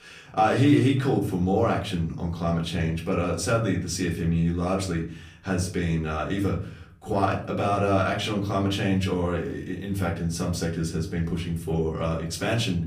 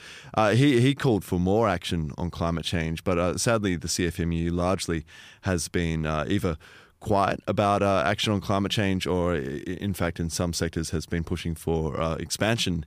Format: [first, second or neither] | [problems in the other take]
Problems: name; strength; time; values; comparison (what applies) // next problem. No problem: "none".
second | room echo; slight; dies away in 0.5 s // off-mic speech; far